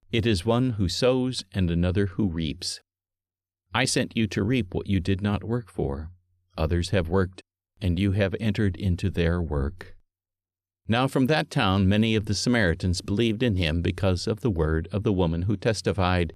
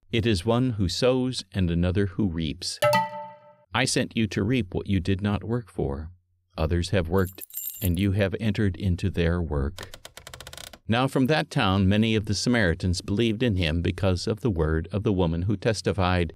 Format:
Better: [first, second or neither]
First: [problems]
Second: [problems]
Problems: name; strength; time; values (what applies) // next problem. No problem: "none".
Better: first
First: none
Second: alarm; loud; at 3 s; peak 3 dB above the speech // jangling keys; noticeable; at 7 s; peak 6 dB below the speech // keyboard typing; faint; at 10 s; peak 15 dB below the speech